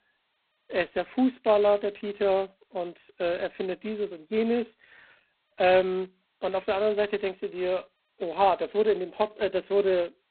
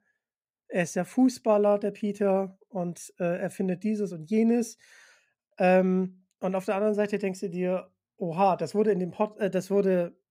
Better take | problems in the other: second | phone-call audio; poor line; nothing above 4 kHz

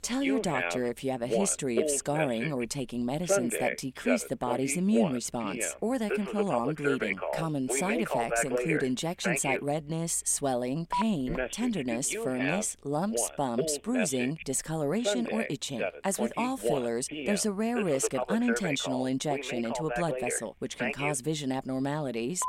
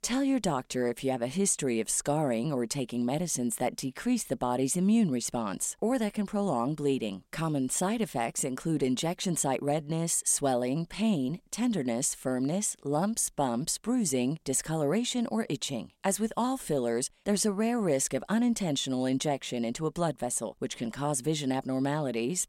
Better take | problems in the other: second | alarms or sirens; loud; throughout; 3 dB below the speech

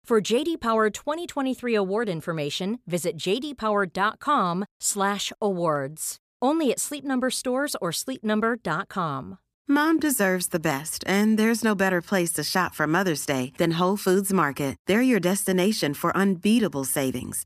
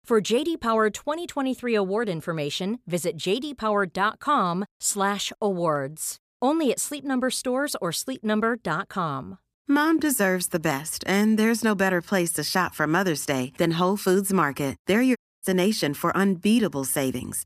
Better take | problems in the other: first | audio cutting out; at 15 s

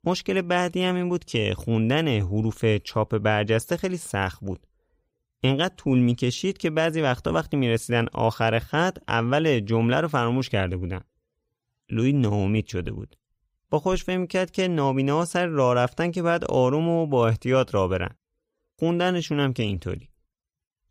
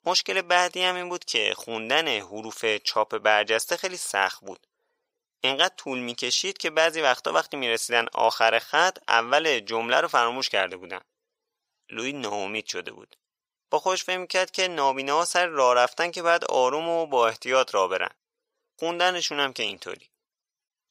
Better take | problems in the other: first | thin; very; fading below 750 Hz

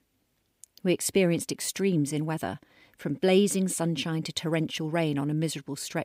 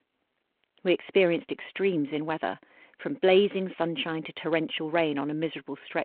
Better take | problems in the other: first | phone-call audio

